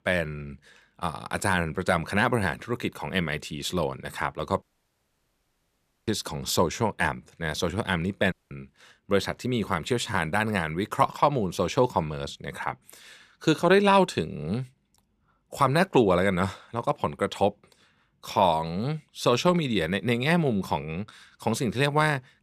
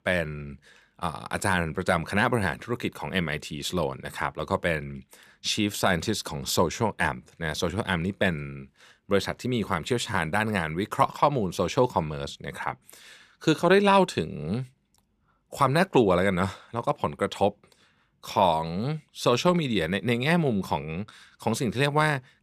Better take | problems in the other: second | audio cutting out; at 4.5 s for 1.5 s and at 8.5 s

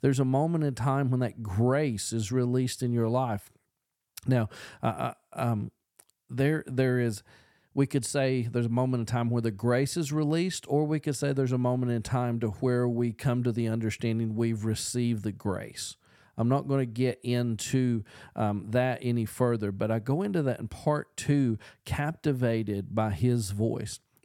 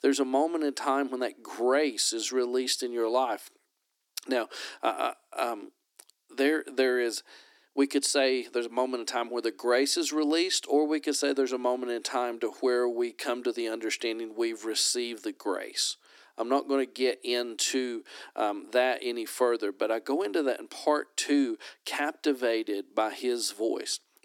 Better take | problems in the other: first | thin; somewhat; fading below 300 Hz

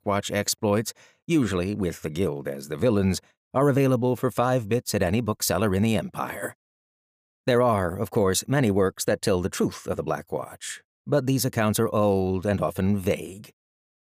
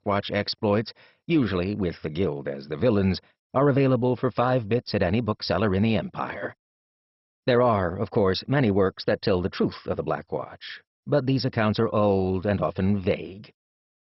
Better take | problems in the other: first | garbled, watery; badly; nothing above 5.5 kHz

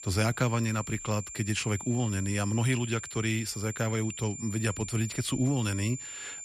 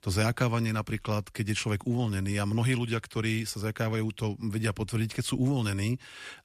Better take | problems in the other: second | high-pitched whine; loud; throughout; 7 kHz, 9 dB below the speech

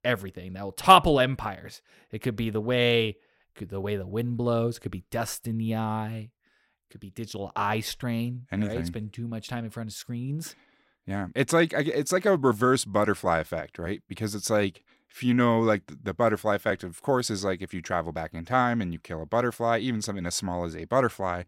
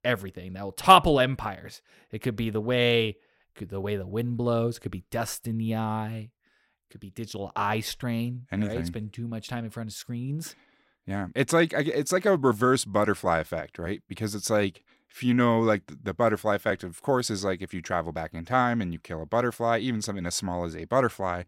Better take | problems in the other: neither | none

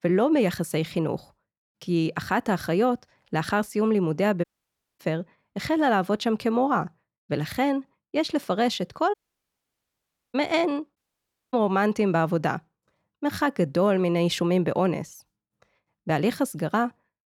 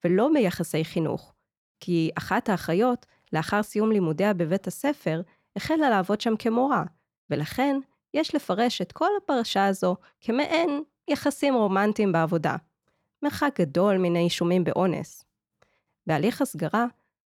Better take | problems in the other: second | audio cutting out; at 4.5 s for 0.5 s, at 9 s for 1 s and at 11 s for 0.5 s

